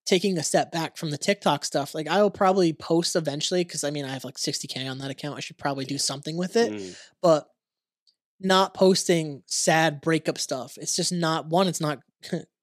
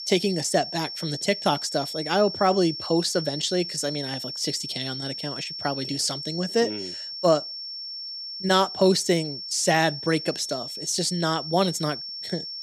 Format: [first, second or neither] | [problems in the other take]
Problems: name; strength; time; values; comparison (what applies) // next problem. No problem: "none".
first | high-pitched whine; loud; throughout; 5.5 kHz, 7 dB below the speech